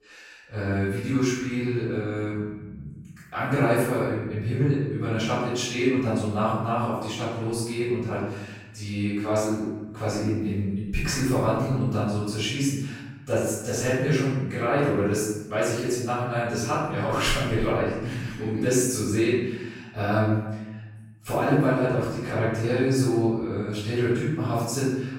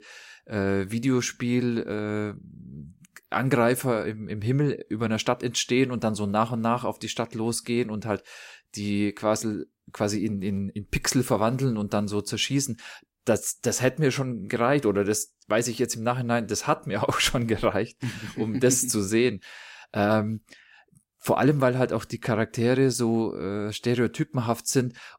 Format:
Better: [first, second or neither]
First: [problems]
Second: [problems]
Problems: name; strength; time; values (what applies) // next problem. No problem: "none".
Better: second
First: off-mic speech; far // room echo; strong; dies away in 1.1 s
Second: none